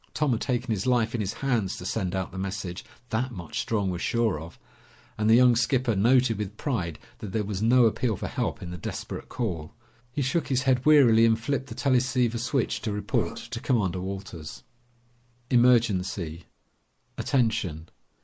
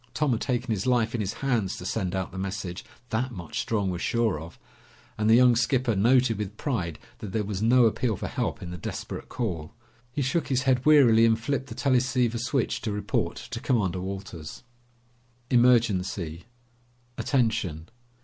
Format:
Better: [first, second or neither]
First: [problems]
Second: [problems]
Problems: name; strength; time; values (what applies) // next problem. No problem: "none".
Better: second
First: noise reduction (neural mask model Resemble Enhance denoiser)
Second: none